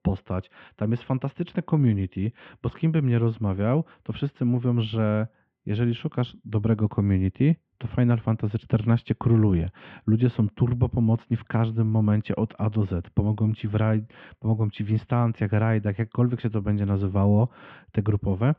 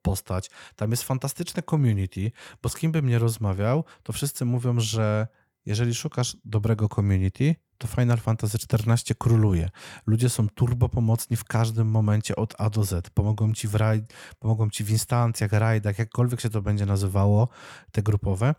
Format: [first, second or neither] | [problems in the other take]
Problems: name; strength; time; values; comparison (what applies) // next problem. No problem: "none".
second | muffled; very; fading above 3 kHz